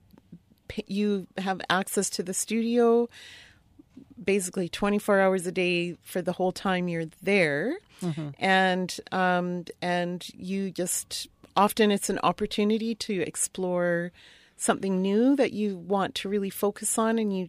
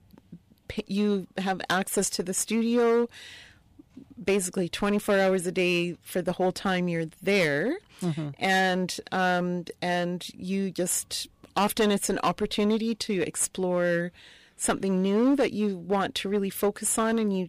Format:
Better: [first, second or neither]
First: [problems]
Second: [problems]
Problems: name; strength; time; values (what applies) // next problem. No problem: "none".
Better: first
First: none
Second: distortion; slight; 6% of the sound clipped